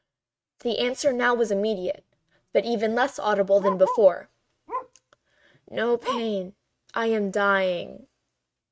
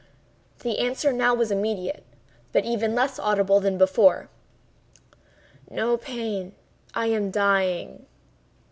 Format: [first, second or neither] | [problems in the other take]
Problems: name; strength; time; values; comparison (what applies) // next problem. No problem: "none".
second | noise reduction (neural mask model RNNoise)